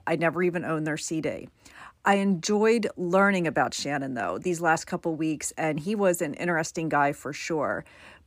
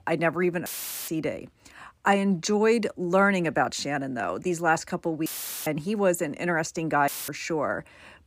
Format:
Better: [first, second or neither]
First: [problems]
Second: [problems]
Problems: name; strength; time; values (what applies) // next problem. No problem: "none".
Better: first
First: none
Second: audio cutting out; filled with static; at 0.5 s, at 5.5 s and at 7 s